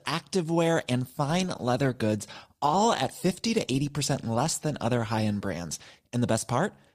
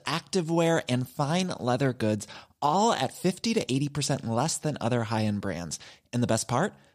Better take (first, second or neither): second